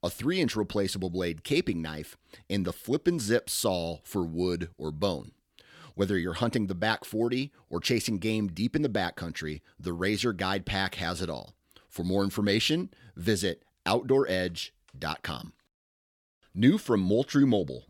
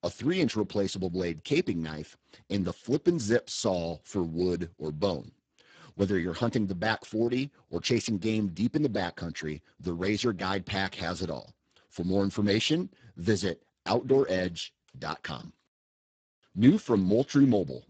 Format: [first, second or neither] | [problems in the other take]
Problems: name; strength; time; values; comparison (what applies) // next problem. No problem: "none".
first | garbled, watery; badly; nothing above 7.5 kHz